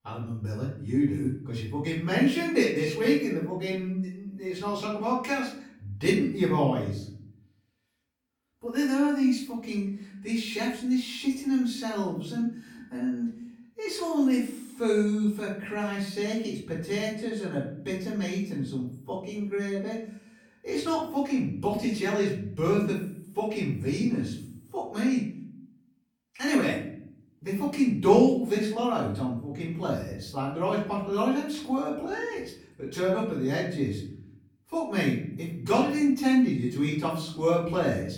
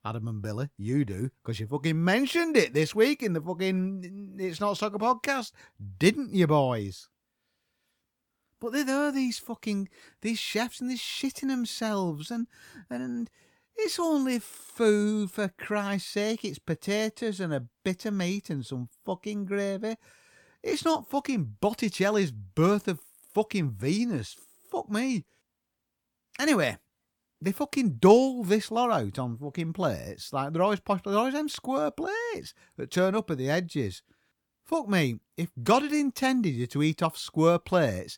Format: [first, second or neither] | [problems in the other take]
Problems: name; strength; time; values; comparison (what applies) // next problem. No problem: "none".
second | room echo; noticeable; dies away in 0.6 s // off-mic speech; far